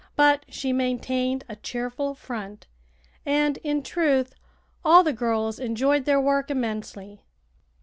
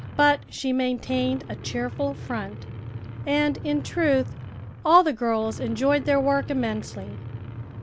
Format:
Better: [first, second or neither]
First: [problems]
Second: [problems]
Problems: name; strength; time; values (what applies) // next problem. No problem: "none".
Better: first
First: none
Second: background sound (Truck); 11 dB below the speech